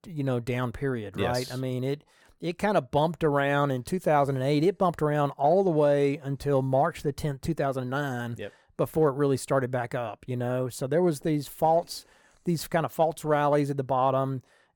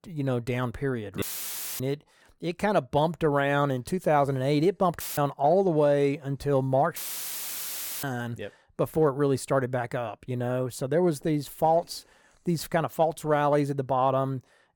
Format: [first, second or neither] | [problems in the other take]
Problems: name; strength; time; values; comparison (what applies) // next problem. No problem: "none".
first | audio cutting out; filled with static; at 1 s for 0.5 s, at 5 s and at 7 s for 1 s